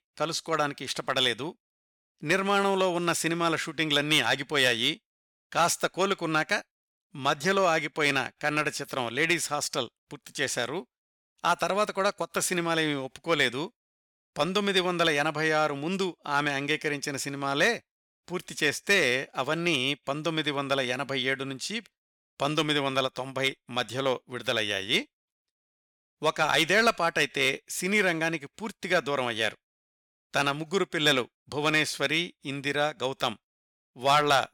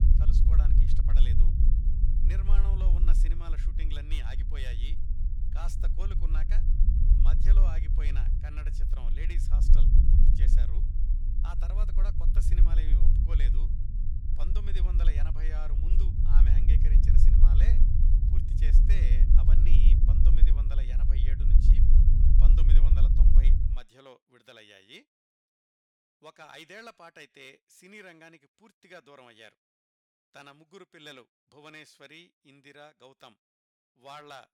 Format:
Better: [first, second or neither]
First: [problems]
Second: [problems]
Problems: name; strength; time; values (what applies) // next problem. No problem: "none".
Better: first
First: none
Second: low rumble; loud; until 24 s; as loud as the speech